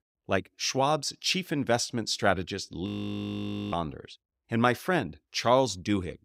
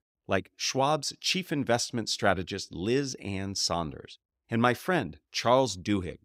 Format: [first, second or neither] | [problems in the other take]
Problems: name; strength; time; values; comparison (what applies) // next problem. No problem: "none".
second | audio freezing; at 3 s for 1 s